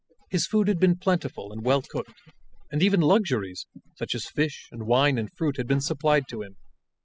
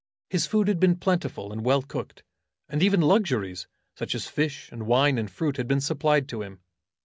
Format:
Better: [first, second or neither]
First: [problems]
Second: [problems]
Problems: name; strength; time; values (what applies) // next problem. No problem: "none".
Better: second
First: noise reduction (classical method spectral subtraction)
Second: none